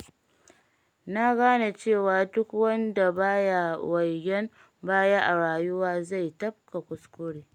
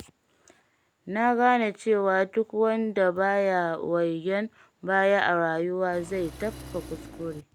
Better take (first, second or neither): first